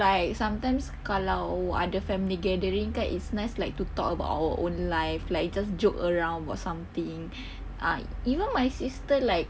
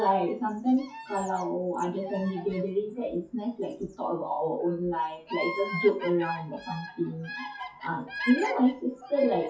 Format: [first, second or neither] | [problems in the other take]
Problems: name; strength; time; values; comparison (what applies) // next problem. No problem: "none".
first | noise reduction (classical method WPE with log-MMSE)